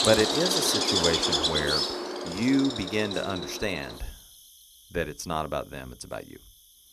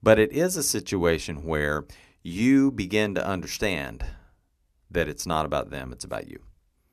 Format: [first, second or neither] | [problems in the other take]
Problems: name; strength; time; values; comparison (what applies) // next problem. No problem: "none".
second | animal sounds; very loud; throughout; 3 dB above the speech